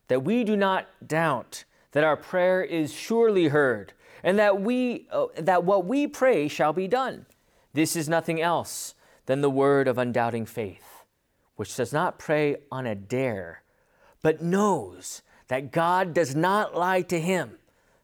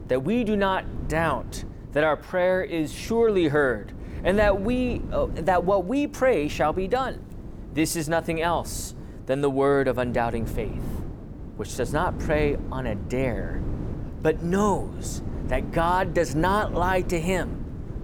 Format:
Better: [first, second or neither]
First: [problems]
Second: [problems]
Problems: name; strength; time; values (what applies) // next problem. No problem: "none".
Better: first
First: none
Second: wind noise on the microphone; occasional gusts; 20 dB below the speech